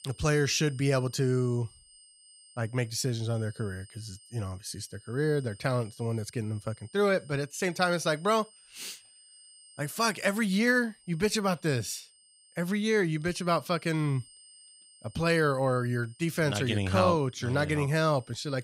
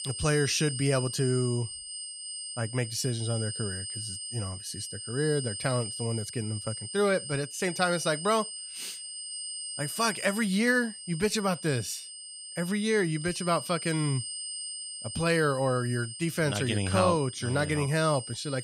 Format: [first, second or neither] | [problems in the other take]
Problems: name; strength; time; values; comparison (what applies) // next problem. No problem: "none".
first | high-pitched whine; loud; throughout; 8.5 kHz, 8 dB below the speech; faint in the first